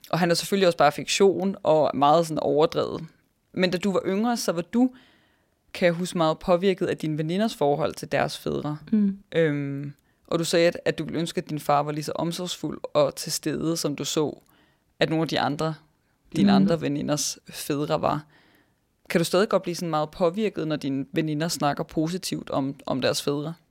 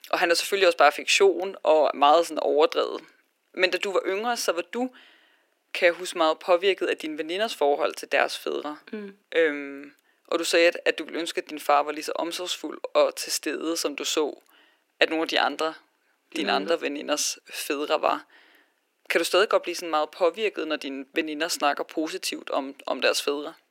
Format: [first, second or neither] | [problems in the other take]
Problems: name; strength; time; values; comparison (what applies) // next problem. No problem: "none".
first | thin; somewhat; fading below 300 Hz